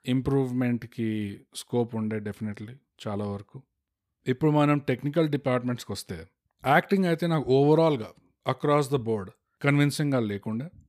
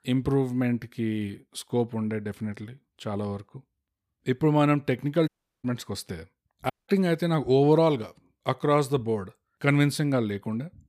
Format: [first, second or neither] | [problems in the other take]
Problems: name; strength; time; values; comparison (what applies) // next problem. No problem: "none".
first | audio cutting out; at 5.5 s and at 6.5 s